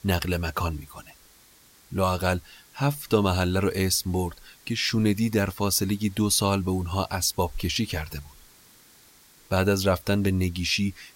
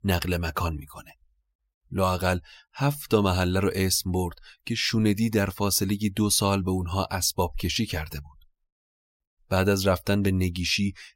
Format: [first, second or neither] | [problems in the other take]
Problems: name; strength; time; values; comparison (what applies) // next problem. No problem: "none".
second | hiss; faint; throughout; 25 dB below the speech